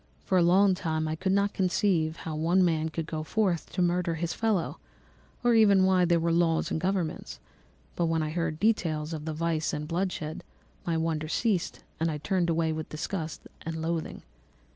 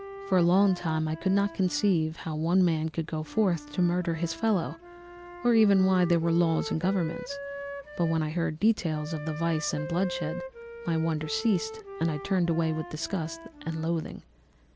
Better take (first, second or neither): first